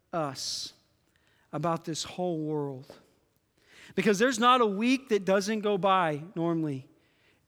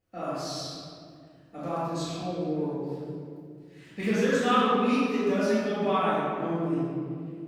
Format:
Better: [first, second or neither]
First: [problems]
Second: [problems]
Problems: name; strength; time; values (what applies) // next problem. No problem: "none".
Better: first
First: none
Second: off-mic speech; far // room echo; strong; dies away in 2.2 s